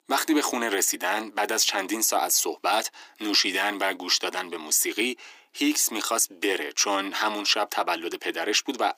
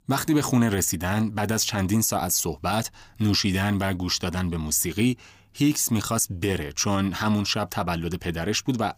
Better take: second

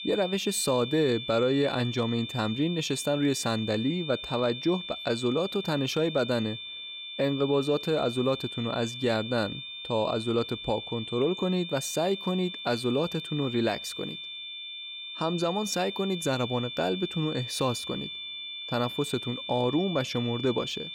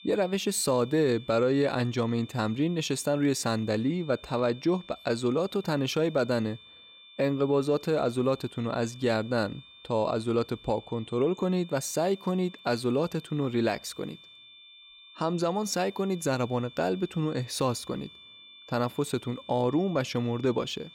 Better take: second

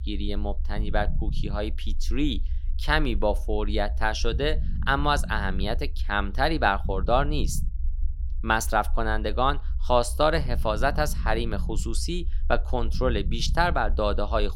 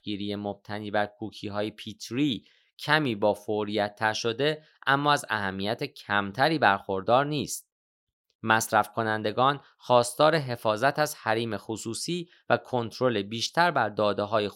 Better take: second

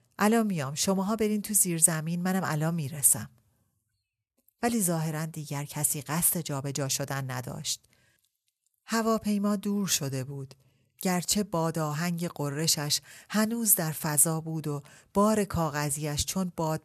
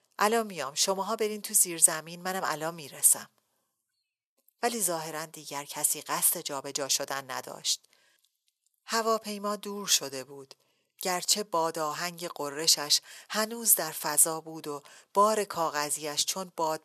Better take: first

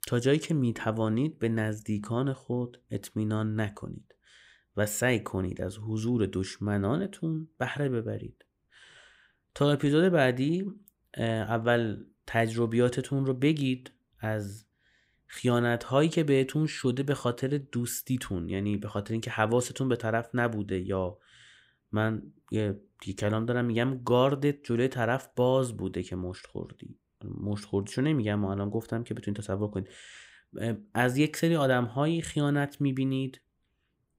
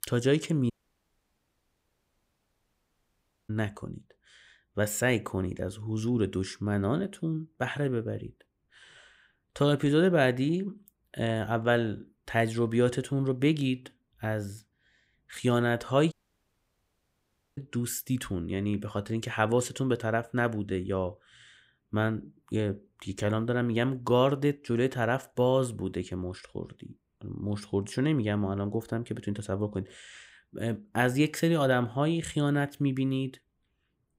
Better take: first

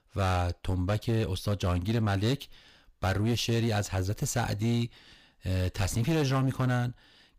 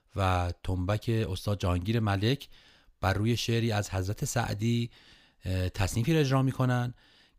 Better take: second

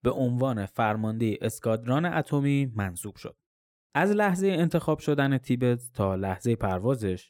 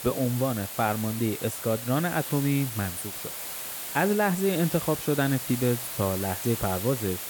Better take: first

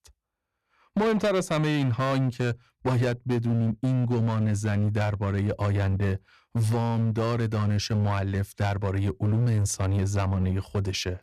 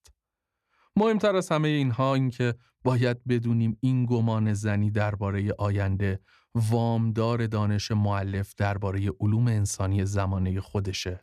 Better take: second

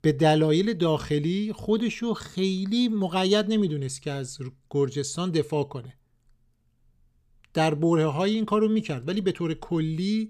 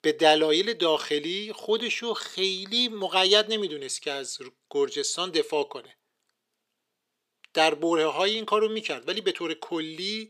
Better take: first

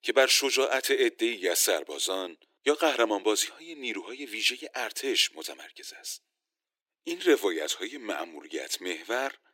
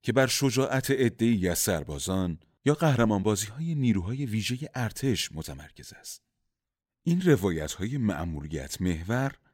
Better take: second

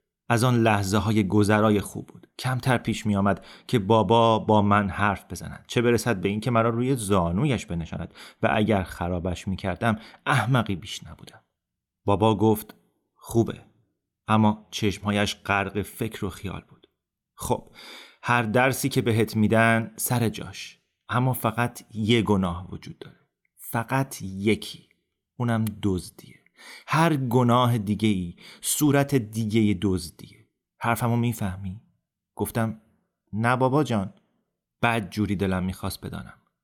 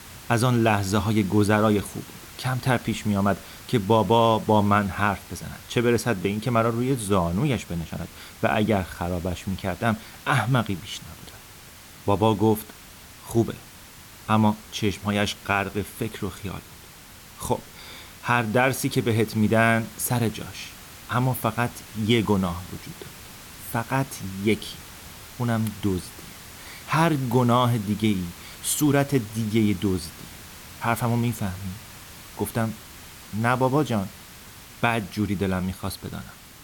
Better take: first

